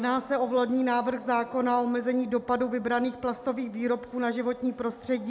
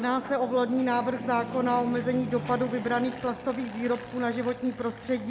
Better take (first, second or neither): first